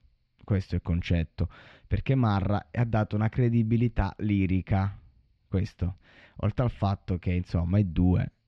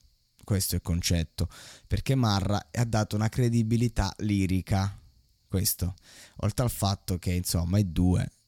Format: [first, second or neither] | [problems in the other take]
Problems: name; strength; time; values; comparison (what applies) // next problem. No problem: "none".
second | muffled; very; fading above 3 kHz